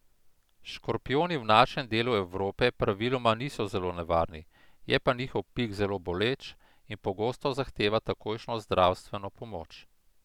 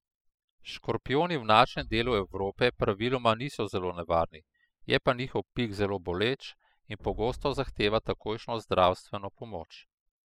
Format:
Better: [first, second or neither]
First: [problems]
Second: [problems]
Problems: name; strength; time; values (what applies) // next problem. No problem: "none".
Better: first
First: none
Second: noise reduction (classical method spectral subtraction)